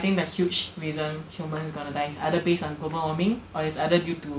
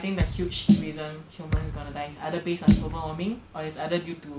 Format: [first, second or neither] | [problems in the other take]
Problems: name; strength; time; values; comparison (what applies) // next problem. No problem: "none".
first | background sound (Thump, thud + Snare drum); 5 dB above the speech